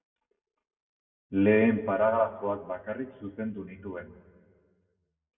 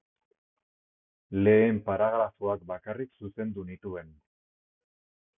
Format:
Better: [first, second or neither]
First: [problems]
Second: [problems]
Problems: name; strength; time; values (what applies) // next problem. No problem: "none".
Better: second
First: room echo; dies away in 1.1 s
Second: none